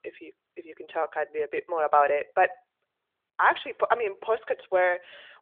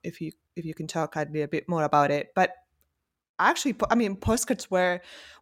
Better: second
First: phone-call audio; nothing above 3.5 kHz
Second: none

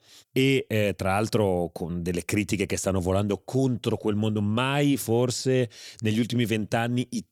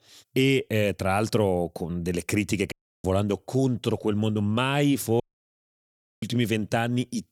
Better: first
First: none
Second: audio cutting out; at 2.5 s and at 5 s for 1 s

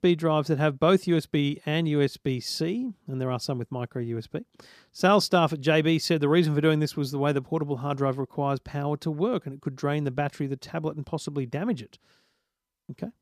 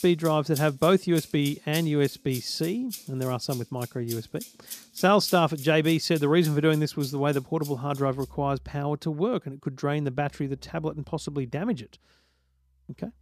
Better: first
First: none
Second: background music; noticeable; throughout; 15 dB below the speech

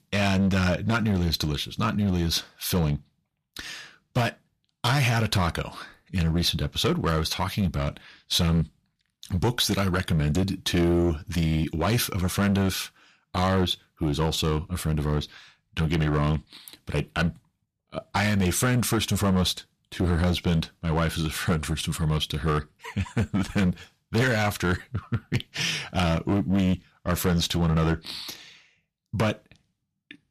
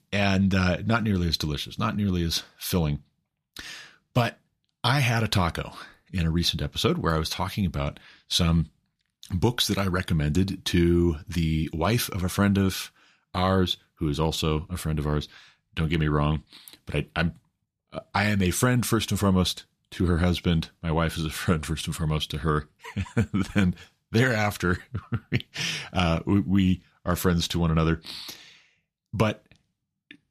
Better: second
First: distortion; slight; 8% of the sound clipped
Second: none

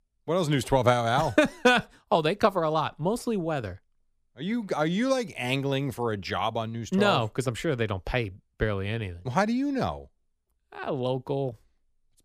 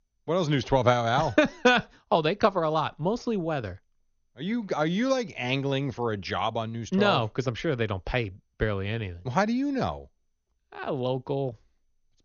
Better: first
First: none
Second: garbled, watery; slightly; nothing above 6.5 kHz

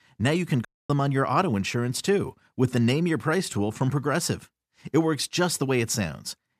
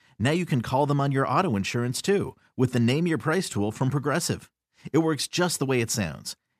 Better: second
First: audio cutting out; at 0.5 s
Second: none

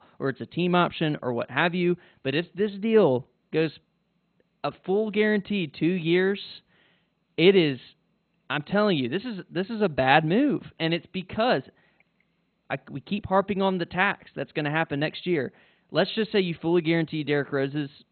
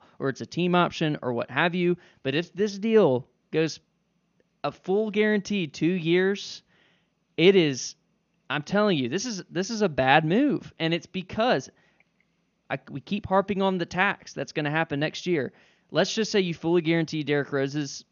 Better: second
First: garbled, watery; badly; nothing above 4 kHz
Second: garbled, watery; slightly; nothing above 6.5 kHz

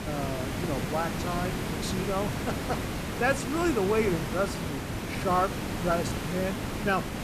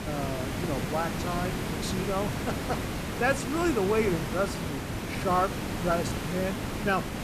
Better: neither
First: hiss; loud; throughout; 2 dB below the speech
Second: hiss; loud; throughout; 2 dB below the speech

